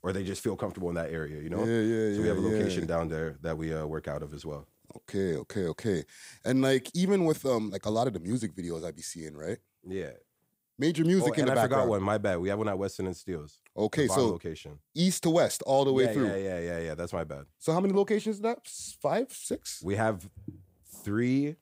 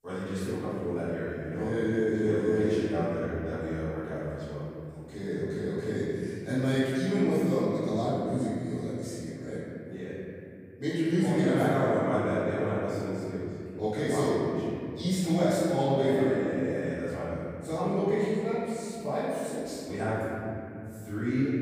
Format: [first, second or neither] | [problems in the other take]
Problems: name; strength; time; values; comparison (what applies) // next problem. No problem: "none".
first | off-mic speech; far // room echo; strong; dies away in 2.8 s